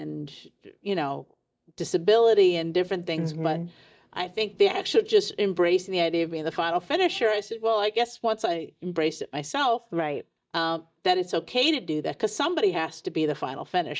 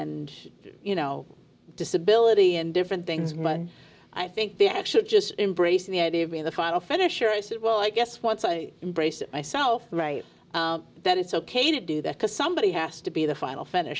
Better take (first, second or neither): second